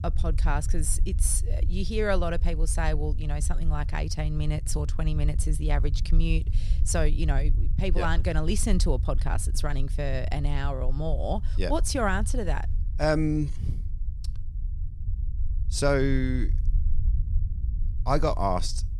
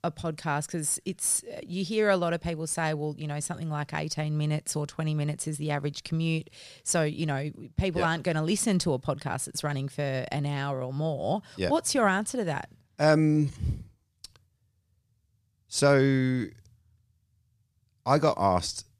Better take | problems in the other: second | low rumble; noticeable; throughout; 20 dB below the speech

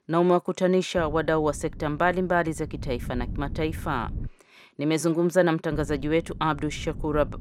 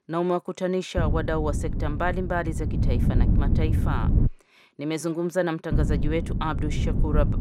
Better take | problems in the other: first | wind noise on the microphone; heavy; from 1 to 4.5 s and from 5.5 s on; 8 dB below the speech; occasional gusts in the first

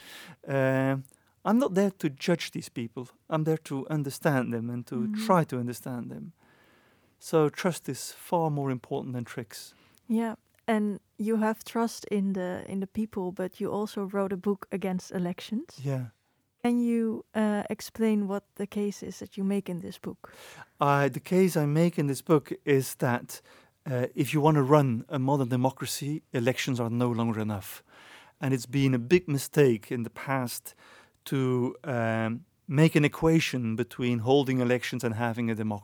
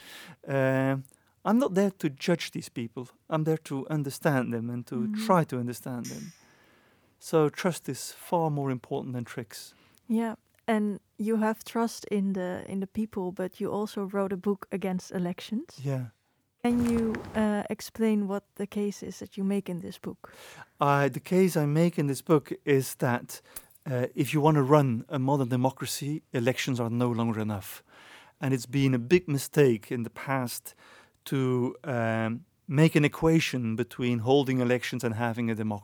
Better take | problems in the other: first | clattering dishes; faint; from 6 to 8.5 s; peak 15 dB below the speech // footsteps; noticeable; at 17 s; peak 9 dB below the speech // jangling keys; faint; at 24 s; peak 15 dB below the speech

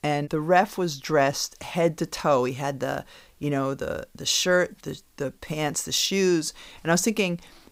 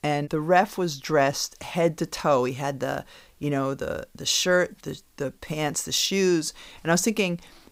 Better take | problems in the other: neither | none

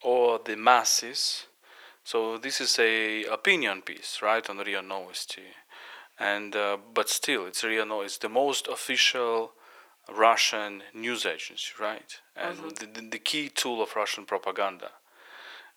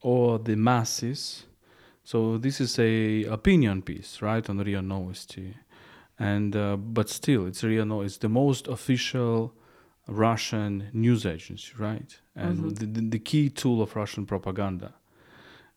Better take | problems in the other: second | thin; very; fading below 550 Hz

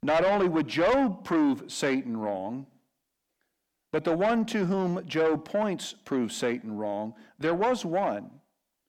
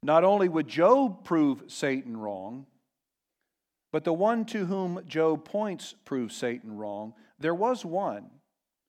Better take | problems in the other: second | distortion; heavy; 8 dB below the speech

